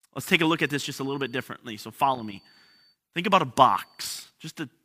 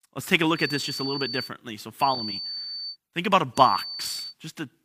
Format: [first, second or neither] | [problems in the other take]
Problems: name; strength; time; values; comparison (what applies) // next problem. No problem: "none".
first | high-pitched whine; loud; at 0.5 s, at 2 s and at 3.5 s; 4.5 kHz, 7 dB below the speech; faint in the first